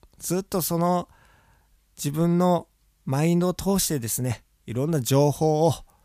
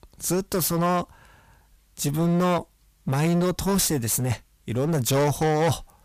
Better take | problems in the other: first | distortion; heavy; 14% of the sound clipped

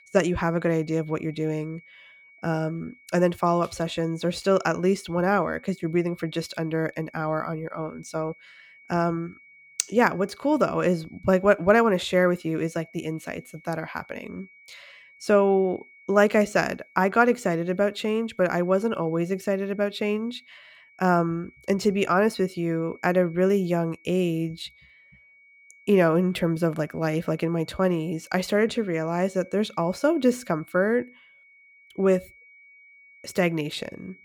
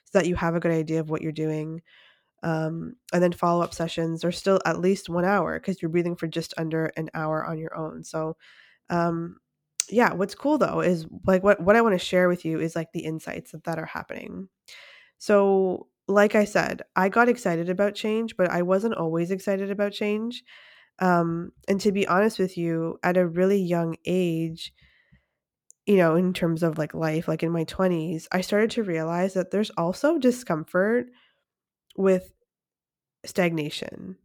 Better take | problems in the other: second | high-pitched whine; faint; throughout; 2 kHz, 25 dB below the speech

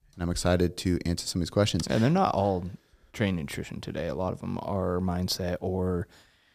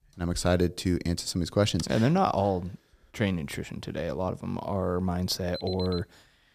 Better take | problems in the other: first | alarm; faint; at 5.5 s; peak 10 dB below the speech

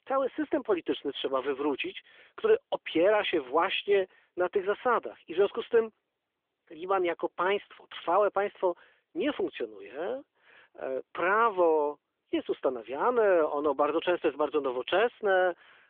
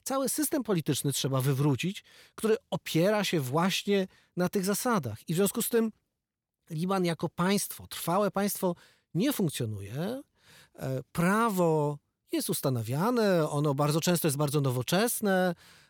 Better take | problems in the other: second | phone-call audio; nothing above 3.5 kHz

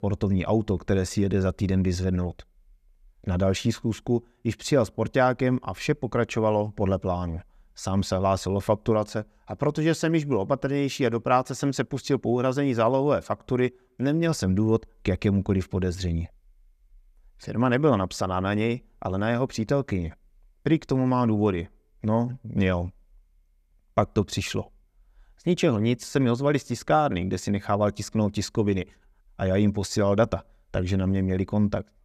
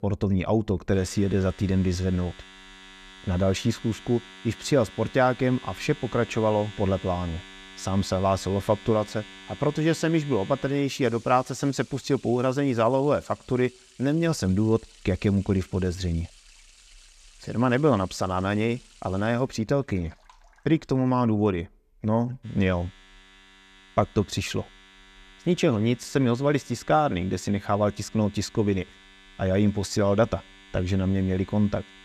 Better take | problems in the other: first | household noises; faint; throughout; 20 dB below the speech

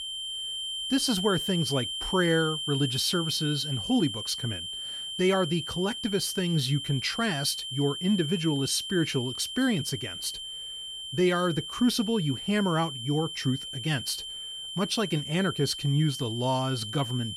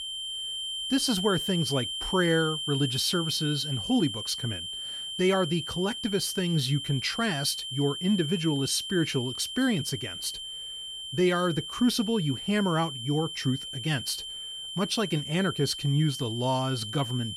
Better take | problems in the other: neither | high-pitched whine; loud; throughout; 3 kHz, 5 dB below the speech; the same in both

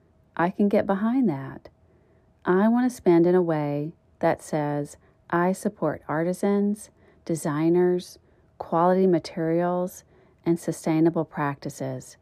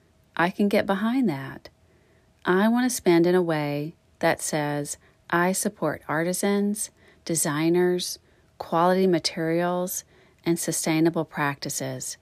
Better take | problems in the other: second | muffled; slightly; fading above 2 kHz

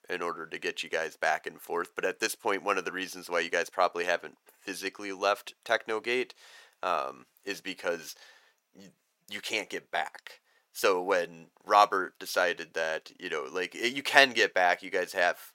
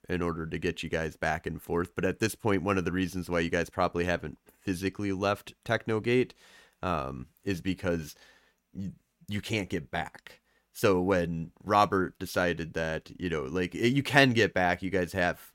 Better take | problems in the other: second | thin; very; fading below 600 Hz

